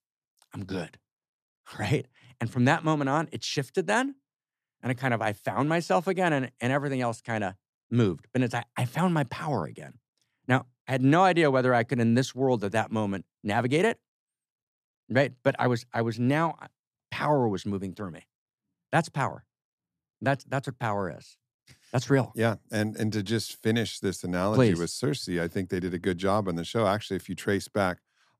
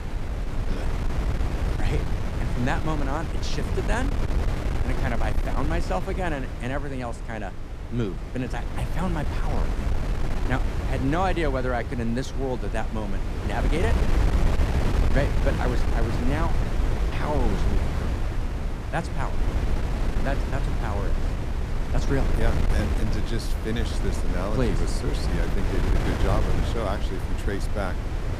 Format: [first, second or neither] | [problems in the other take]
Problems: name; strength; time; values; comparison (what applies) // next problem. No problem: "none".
first | wind noise on the microphone; heavy; 3 dB below the speech